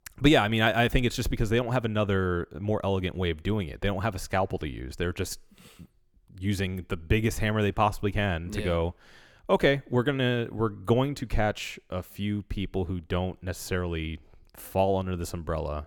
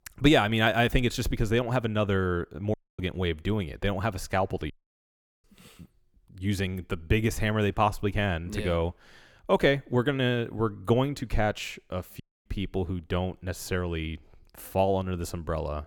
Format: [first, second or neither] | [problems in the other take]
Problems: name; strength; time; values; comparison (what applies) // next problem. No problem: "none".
first | audio cutting out; at 2.5 s, at 4.5 s for 0.5 s and at 12 s